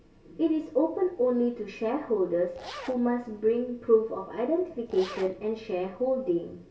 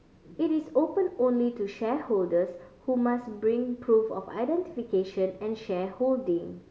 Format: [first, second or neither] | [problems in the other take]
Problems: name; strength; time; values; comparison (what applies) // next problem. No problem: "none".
second | background sound (Zipper (clothing)); 16 dB below the speech // room echo; dies away in 0.2 s